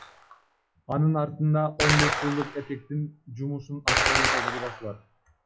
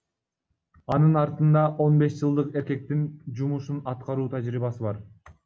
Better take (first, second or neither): second